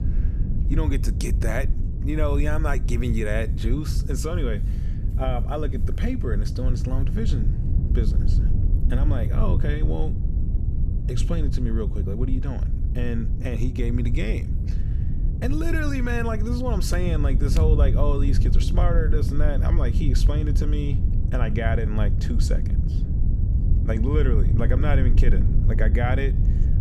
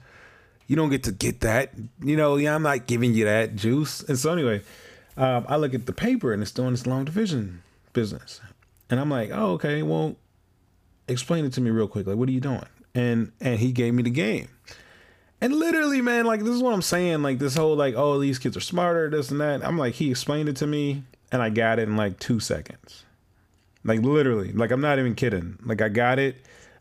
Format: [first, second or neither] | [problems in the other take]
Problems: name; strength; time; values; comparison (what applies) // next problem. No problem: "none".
second | low rumble; loud; throughout; 8 dB below the speech